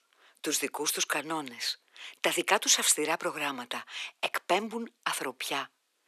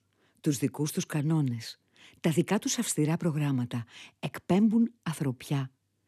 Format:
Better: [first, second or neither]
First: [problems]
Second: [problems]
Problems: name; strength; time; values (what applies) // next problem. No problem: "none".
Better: second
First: thin; very; fading below 550 Hz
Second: none